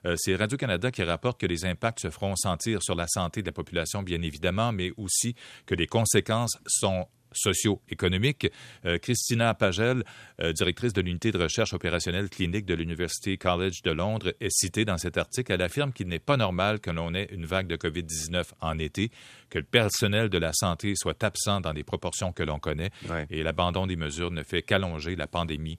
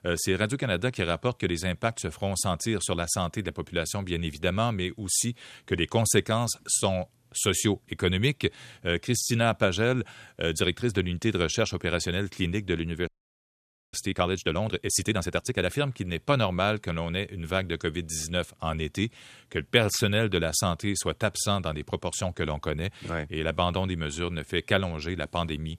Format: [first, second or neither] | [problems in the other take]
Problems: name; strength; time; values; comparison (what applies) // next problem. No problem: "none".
first | audio freezing; at 13 s for 1 s